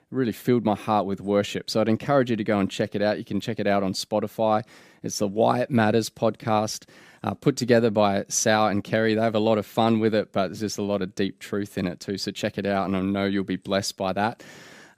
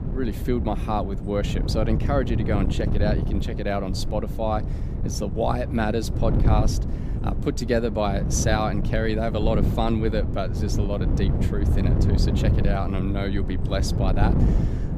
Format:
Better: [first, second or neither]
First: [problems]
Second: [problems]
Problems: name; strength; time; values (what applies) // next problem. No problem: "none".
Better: first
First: none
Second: wind noise on the microphone; heavy; 7 dB below the speech